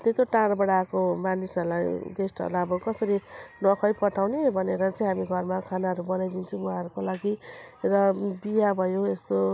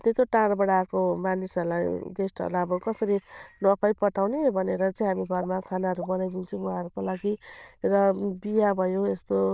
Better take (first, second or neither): first